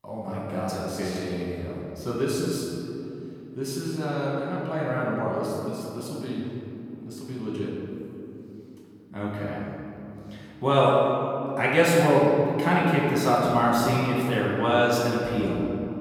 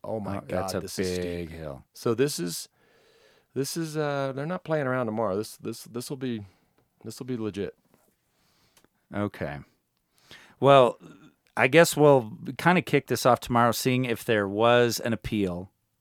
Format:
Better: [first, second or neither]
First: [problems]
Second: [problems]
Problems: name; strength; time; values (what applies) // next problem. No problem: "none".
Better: second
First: room echo; strong; dies away in 2.9 s // off-mic speech; far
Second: none